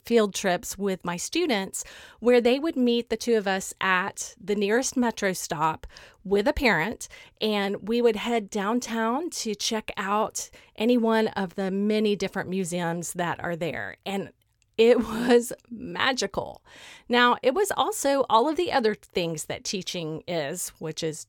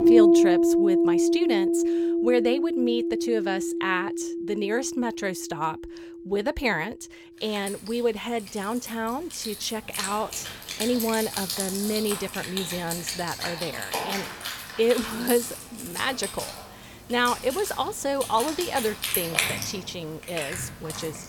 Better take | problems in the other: first | background music; very loud; throughout; 2 dB above the speech

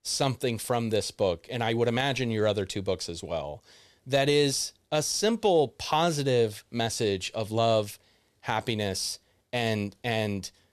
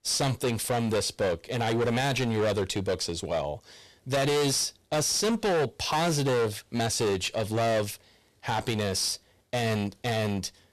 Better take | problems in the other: first | distortion; heavy; 18% of the sound clipped

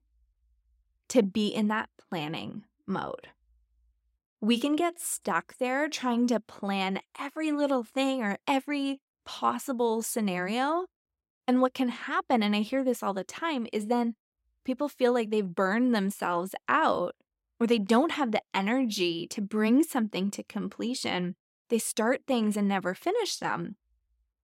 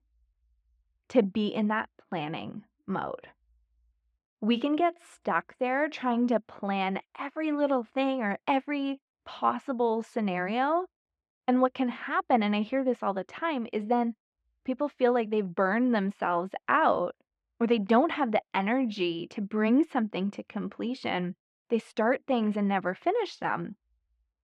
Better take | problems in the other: first | muffled; slightly; fading above 2.5 kHz

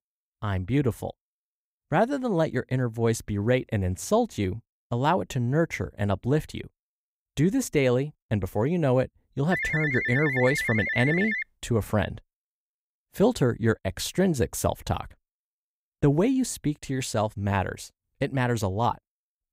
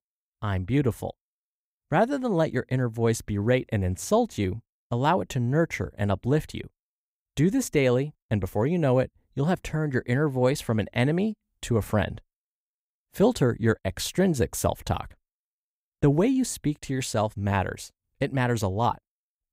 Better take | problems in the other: second | phone ringing; noticeable; from 9.5 to 11 s; peak level with the speech

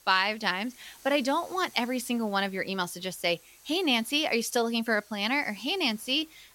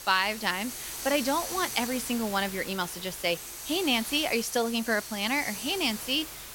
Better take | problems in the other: first | hiss; loud; throughout; 8 dB below the speech; faint in the first

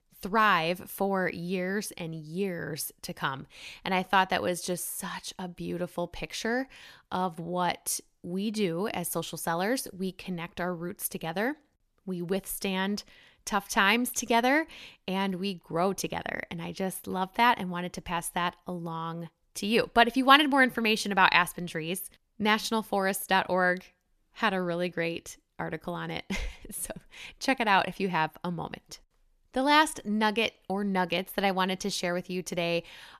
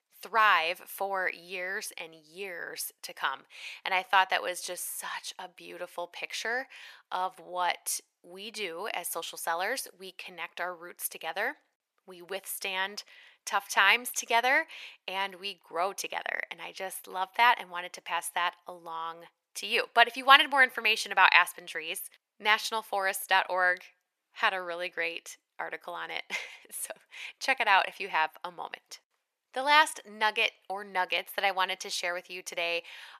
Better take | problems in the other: first | thin; very; fading below 700 Hz

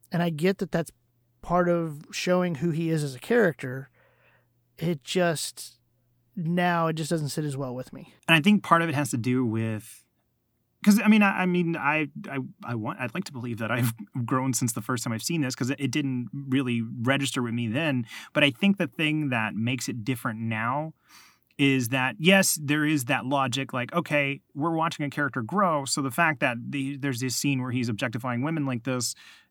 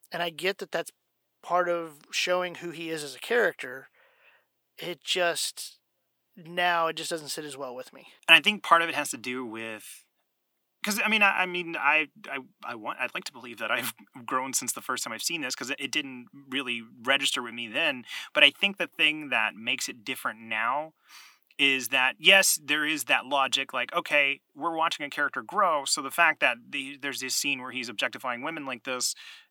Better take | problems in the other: first | thin; somewhat; fading below 500 Hz

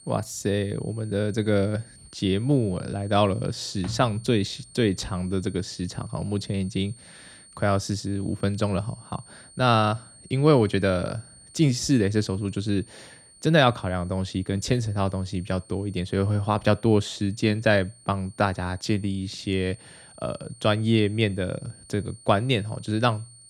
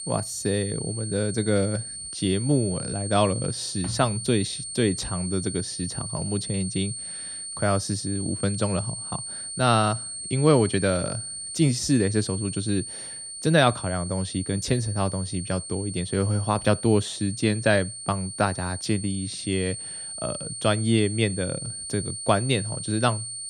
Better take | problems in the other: first | high-pitched whine; loud; throughout; 9 kHz, 7 dB below the speech; faint in the first

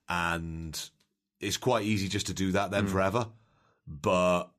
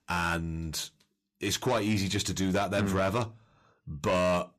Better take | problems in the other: first | distortion; slight; 10 dB below the speech

